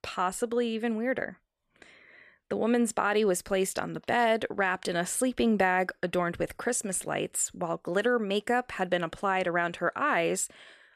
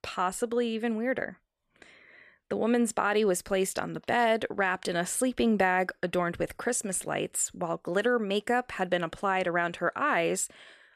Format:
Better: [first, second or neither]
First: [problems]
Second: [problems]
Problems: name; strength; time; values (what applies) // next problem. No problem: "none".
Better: neither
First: none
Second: none